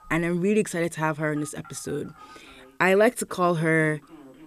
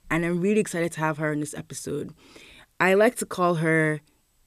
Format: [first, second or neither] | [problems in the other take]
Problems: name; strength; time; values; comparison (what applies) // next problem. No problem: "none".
second | alarms or sirens; faint; throughout; 25 dB below the speech